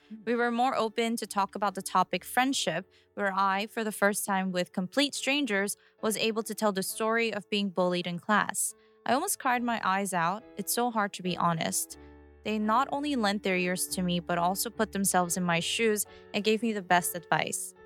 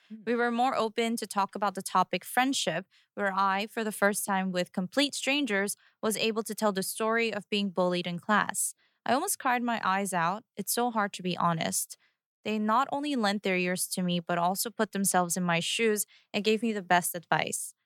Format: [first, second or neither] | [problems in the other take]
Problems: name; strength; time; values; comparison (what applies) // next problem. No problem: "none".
second | background music; faint; throughout; 25 dB below the speech